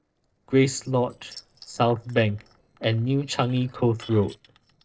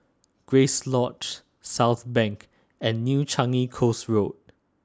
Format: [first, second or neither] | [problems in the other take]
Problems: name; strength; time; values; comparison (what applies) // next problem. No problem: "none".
second | noise reduction (neural separator model SepFormer DNS4)